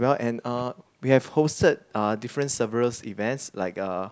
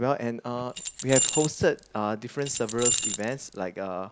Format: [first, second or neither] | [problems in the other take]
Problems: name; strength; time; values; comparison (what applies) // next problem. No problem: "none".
first | background sound (Keys jangling); 1 dB below the speech